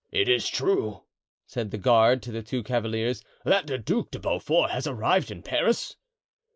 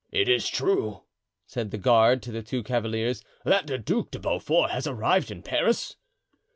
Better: second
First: noise reduction (neural mask model Resemble Enhance denoiser)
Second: none

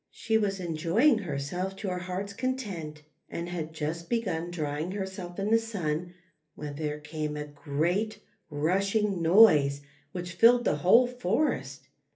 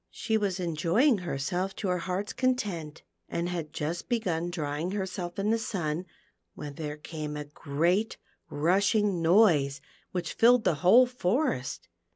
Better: second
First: room echo; dies away in 0.3 s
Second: none

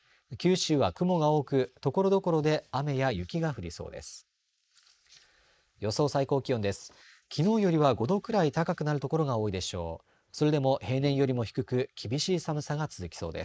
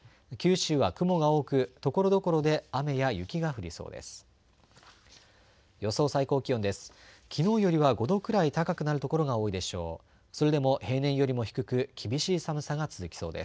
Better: second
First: noise reduction (neural mask model Resemble Enhance denoiser)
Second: none

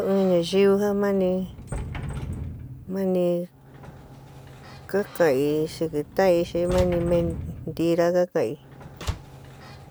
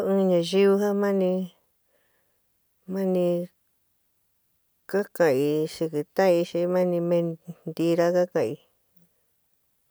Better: second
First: background sound (Slam + Sliding door); 12 dB below the speech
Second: none

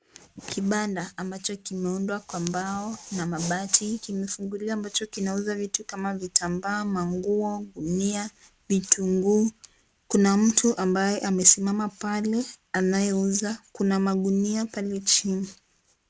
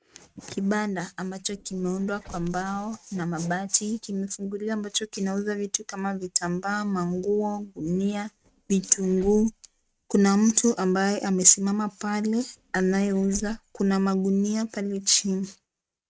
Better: first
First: none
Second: noise reduction (neural mask model RNNoise)

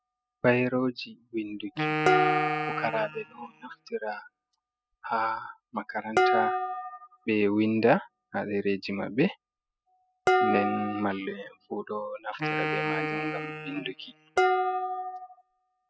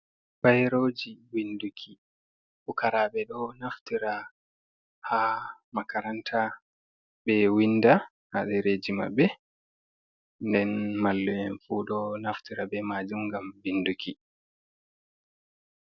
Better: second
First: noise reduction (classical method spectral subtraction)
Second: none

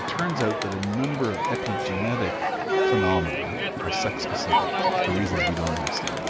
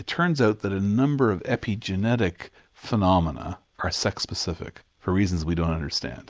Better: second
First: background sound (Crowd); 3 dB above the speech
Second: none

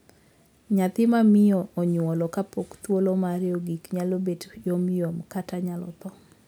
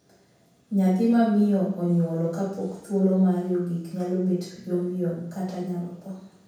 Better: first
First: none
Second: room echo; dies away in 0.7 s

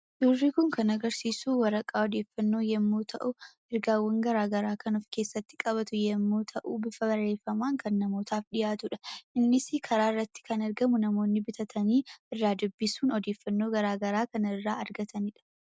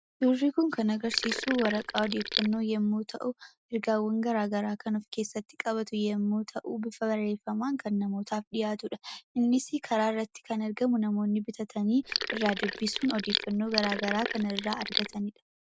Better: first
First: none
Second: background sound (Sink (filling or washing)); 4 dB below the speech

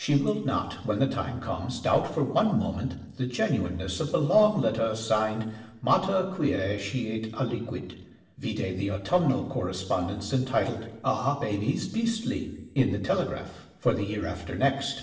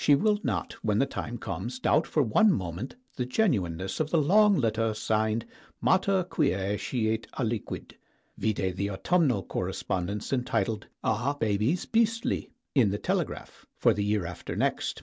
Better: second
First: room echo; dies away in 0.9 s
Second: none

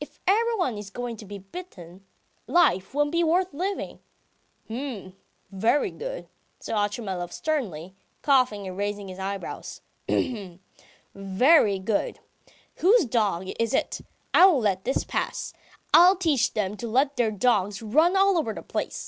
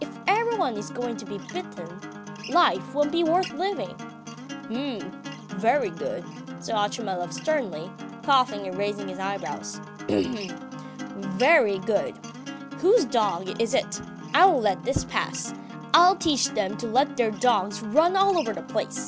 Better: first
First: none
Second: background sound (Acoustic guitar); 11 dB below the speech

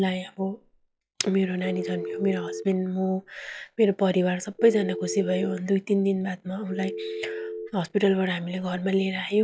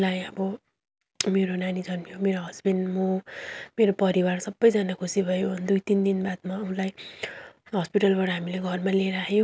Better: second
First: noise reduction (classical method log-MMSE)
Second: none

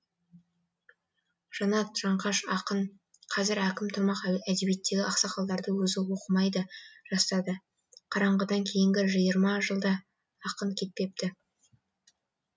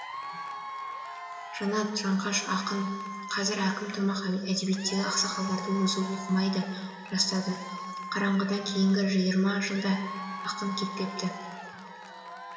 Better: first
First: none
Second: background sound (Applause / Crowd / Cheering); 11 dB below the speech // room echo; dies away in 2.9 s

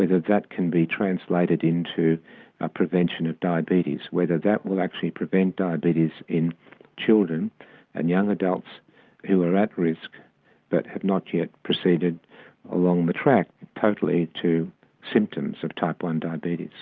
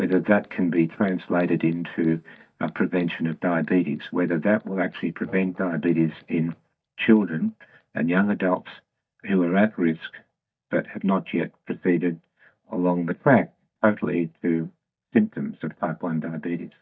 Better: first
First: none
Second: noise reduction (neural mask model DeepFilterNet 3)

